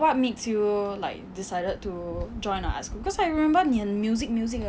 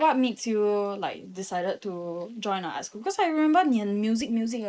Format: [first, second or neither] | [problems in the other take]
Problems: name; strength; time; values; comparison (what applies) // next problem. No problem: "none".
first | noise reduction (neural mask model Resemble Enhance denoiser)